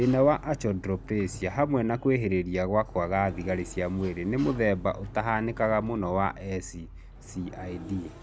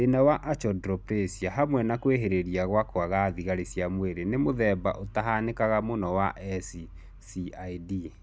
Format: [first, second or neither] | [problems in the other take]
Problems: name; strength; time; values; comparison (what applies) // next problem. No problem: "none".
second | background sound (Sliding door); 19 dB below the speech